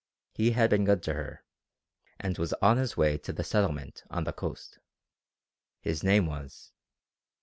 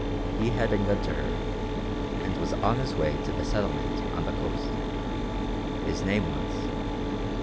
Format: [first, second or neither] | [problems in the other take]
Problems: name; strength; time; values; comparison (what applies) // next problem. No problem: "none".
first | background sound (Mechanisms); 3 dB above the speech